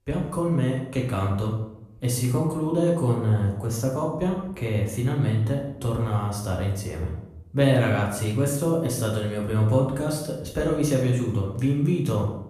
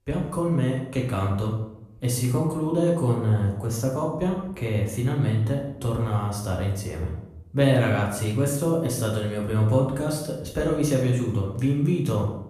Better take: neither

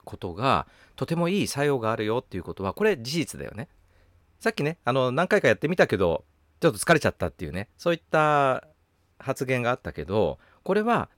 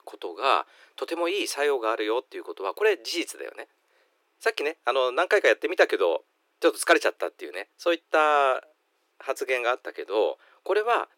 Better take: first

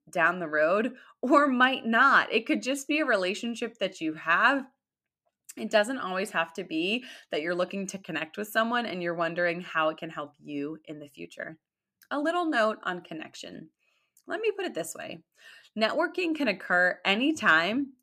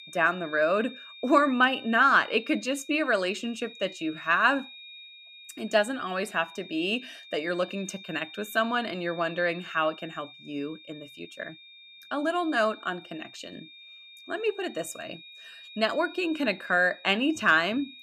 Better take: first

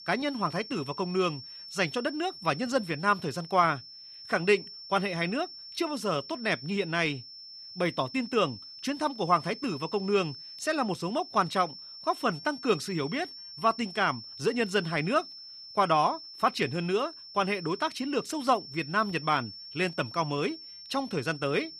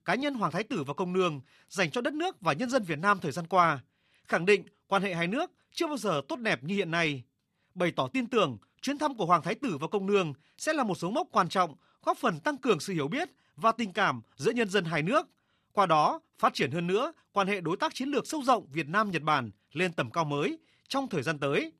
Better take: second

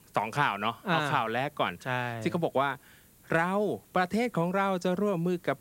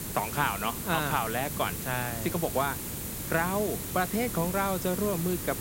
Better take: first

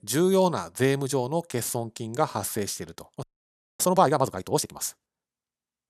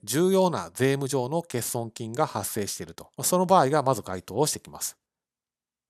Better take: second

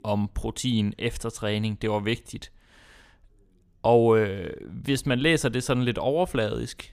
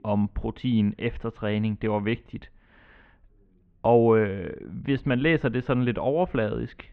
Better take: first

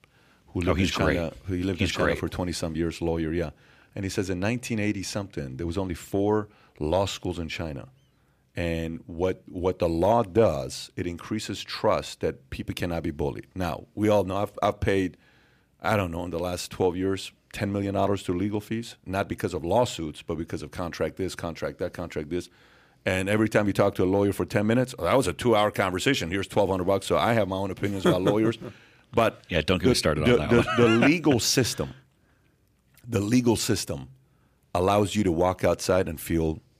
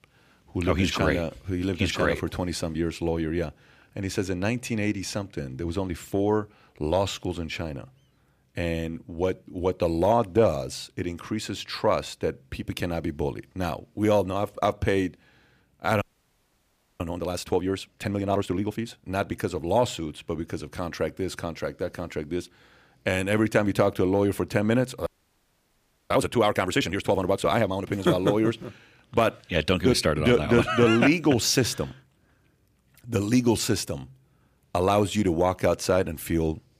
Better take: first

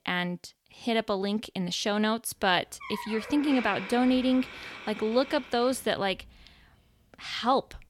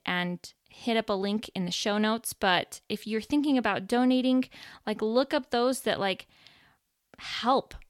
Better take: second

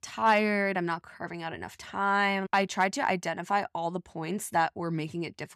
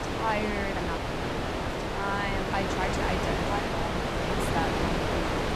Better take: first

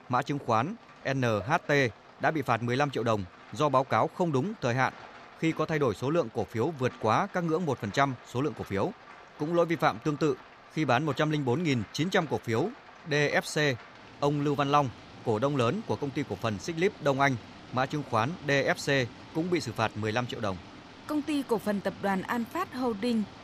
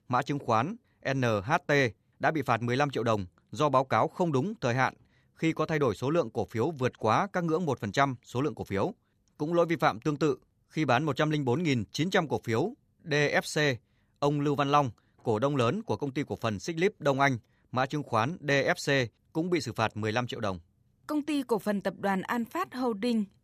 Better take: second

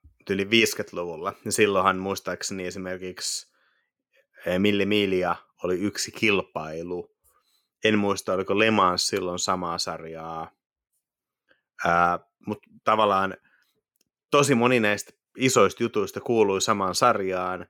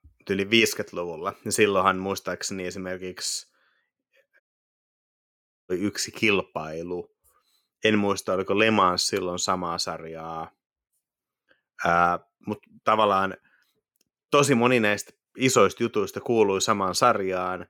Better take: first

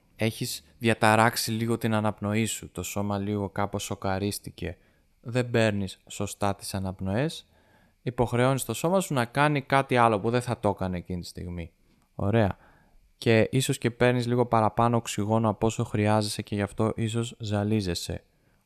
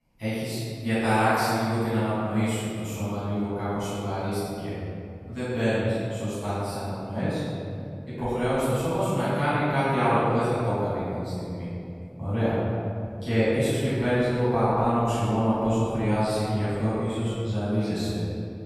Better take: first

